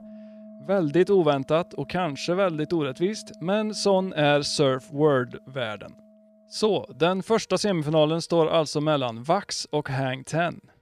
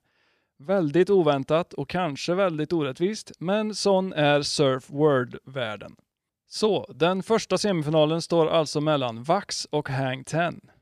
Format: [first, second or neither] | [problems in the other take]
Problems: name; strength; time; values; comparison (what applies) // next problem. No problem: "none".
second | background music; faint; throughout; 25 dB below the speech